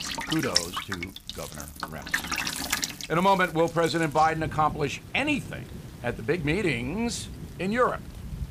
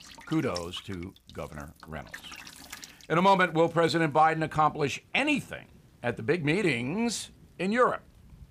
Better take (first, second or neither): second